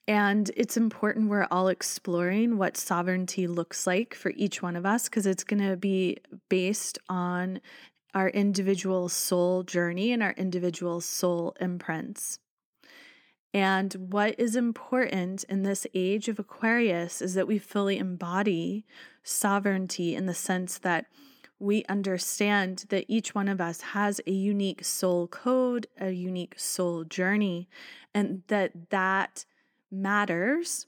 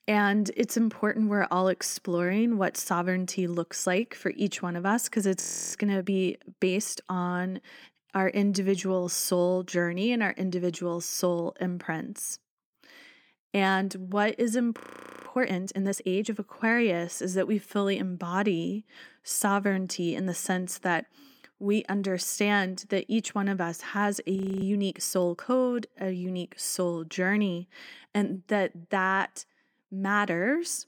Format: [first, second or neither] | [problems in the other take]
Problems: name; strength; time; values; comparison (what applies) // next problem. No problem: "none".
first | audio freezing; at 5.5 s, at 15 s and at 24 s